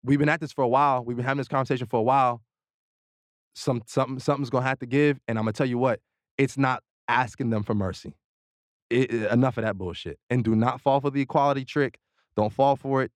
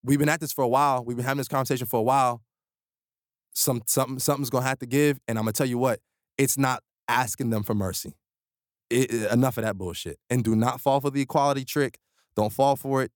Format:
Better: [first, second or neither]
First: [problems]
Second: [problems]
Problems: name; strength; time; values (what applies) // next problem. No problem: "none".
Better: second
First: muffled; slightly; fading above 3 kHz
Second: none